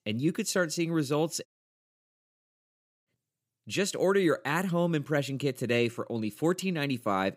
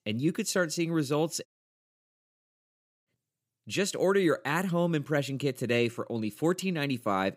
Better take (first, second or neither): neither